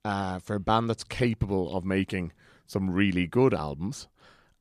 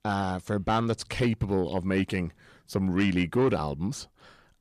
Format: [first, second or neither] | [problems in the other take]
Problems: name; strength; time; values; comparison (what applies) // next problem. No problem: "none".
first | distortion; slight; 10 dB below the speech